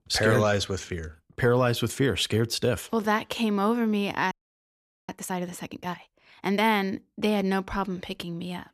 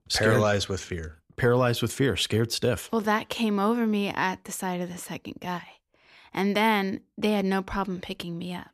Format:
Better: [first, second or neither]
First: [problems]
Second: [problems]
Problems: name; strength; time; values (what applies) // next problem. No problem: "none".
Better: second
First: audio freezing; at 4.5 s for 1 s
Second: none